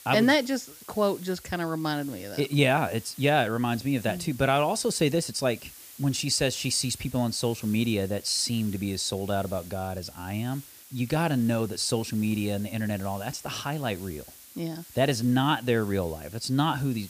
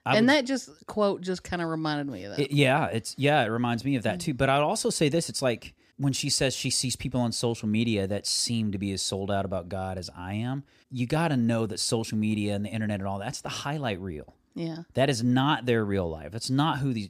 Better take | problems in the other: second | hiss; noticeable; throughout; 20 dB below the speech

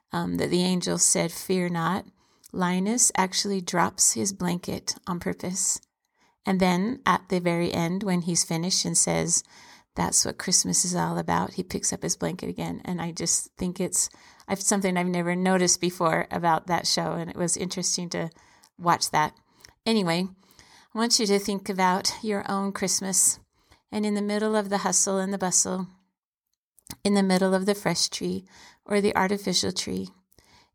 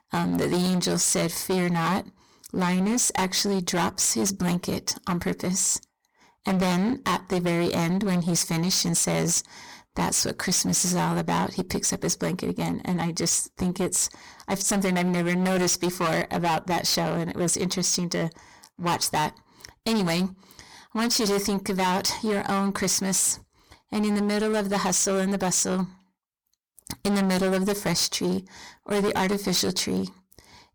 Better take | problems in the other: first | distortion; heavy; 22% of the sound clipped

